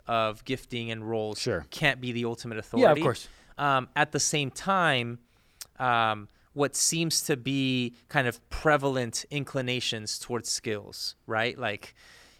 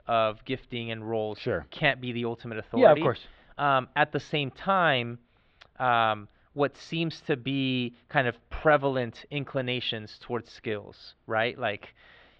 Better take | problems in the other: first | muffled; very; fading above 3.5 kHz

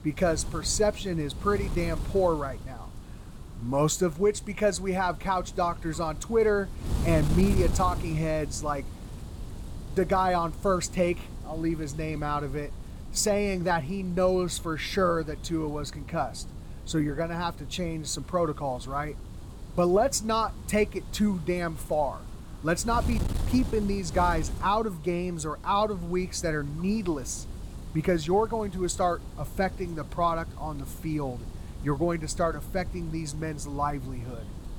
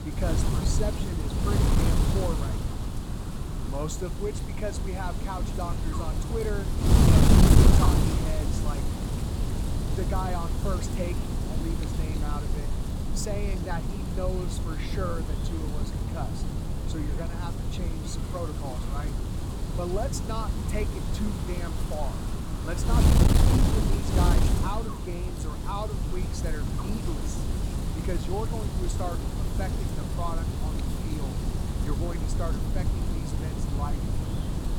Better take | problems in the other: first | wind noise on the microphone; heavy; 1 dB above the speech; occasional gusts in the first

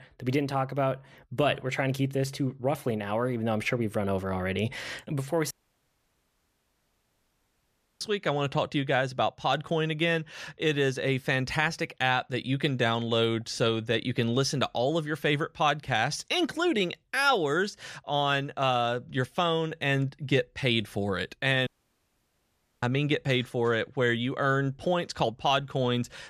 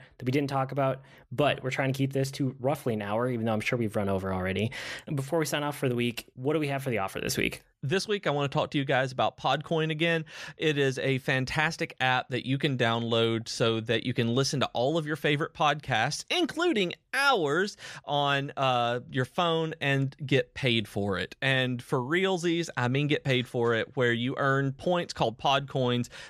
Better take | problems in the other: second | audio cutting out; at 5.5 s for 2.5 s and at 22 s for 1 s

